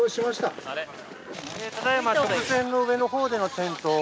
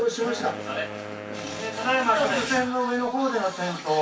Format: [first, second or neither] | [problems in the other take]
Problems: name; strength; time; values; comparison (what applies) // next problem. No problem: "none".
first | background sound (Wind instrument, woodwind instrument); 15 dB below the speech // room echo; dies away in 0.2 s